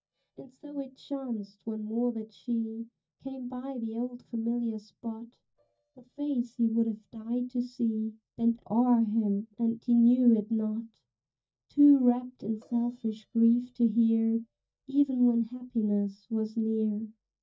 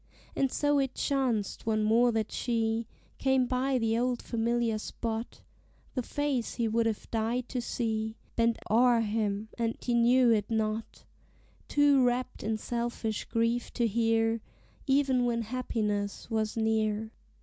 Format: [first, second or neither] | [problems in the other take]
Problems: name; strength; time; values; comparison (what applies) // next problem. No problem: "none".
second | noise reduction (neural mask model DeepFilterNet 3)